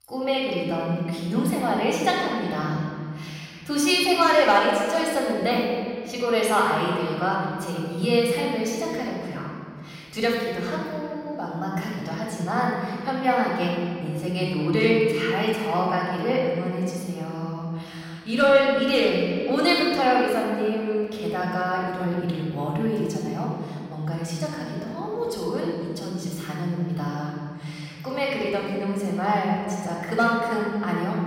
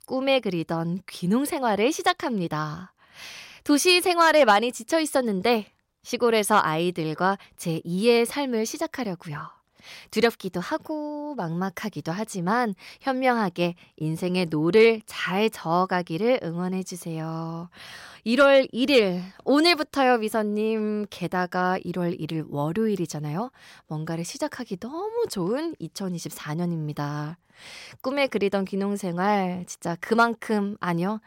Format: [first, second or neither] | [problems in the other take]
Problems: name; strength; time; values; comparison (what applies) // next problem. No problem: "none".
second | off-mic speech; far // room echo; strong; dies away in 2.2 s